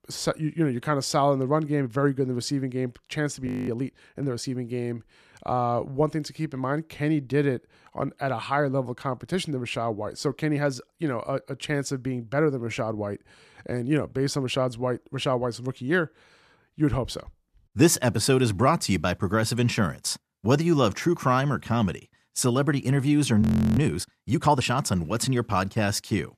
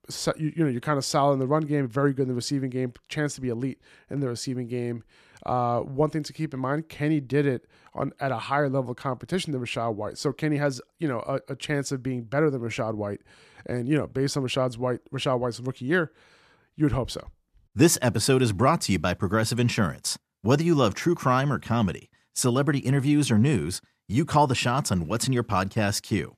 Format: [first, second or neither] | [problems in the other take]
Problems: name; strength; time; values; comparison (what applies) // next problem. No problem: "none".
second | audio freezing; at 3.5 s and at 23 s